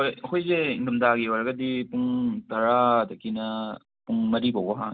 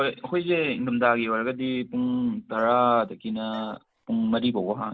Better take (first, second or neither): first